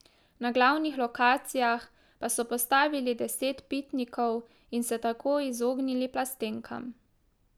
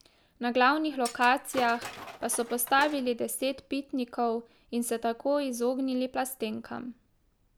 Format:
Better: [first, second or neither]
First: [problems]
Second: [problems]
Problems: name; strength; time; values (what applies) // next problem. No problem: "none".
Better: first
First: none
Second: background sound (Tools); 13 dB below the speech